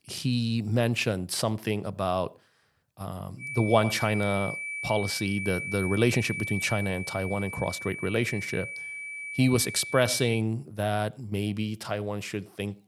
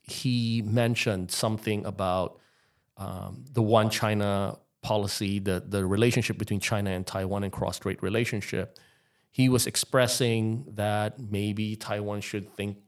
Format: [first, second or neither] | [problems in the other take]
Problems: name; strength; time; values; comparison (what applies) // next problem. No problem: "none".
second | high-pitched whine; loud; from 3.5 to 10 s; 2.5 kHz, 6 dB below the speech